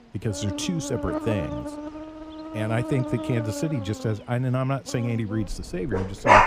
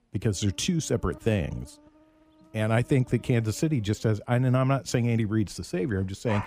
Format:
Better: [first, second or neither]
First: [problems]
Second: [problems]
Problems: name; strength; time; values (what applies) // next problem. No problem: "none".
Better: second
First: animal sounds; loud; throughout; 3 dB below the speech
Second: animal sounds; faint; throughout; 25 dB below the speech